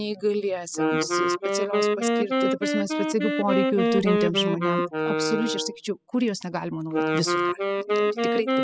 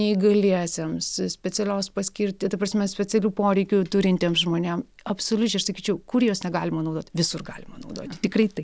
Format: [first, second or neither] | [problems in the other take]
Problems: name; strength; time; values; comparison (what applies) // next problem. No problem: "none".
second | noise reduction (classical method spectral subtraction)